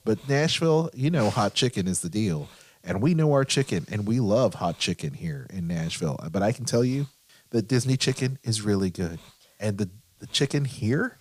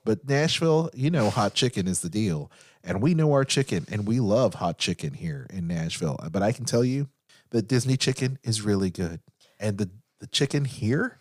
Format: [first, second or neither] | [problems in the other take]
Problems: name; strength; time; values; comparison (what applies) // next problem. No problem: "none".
second | hiss; faint; throughout; 30 dB below the speech